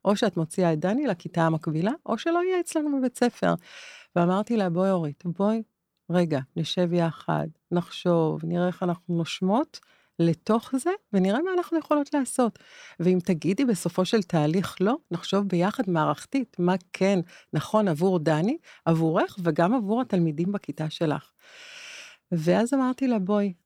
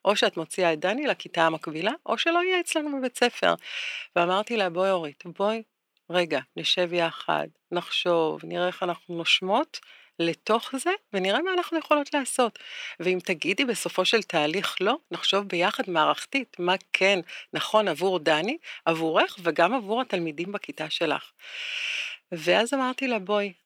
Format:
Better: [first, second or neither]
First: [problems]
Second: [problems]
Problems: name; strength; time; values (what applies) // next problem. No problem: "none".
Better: first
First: none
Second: thin; somewhat; fading below 400 Hz